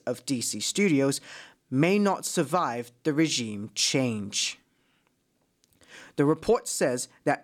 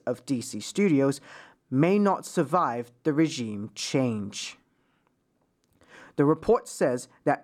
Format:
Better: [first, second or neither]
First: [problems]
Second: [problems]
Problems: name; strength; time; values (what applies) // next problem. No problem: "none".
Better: first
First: none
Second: muffled; slightly; fading above 2 kHz